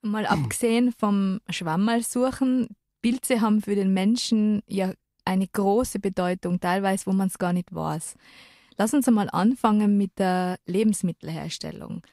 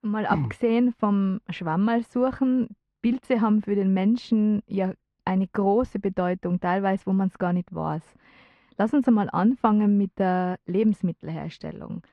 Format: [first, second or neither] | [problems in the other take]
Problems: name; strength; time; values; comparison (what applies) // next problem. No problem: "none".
first | muffled; very; fading above 2 kHz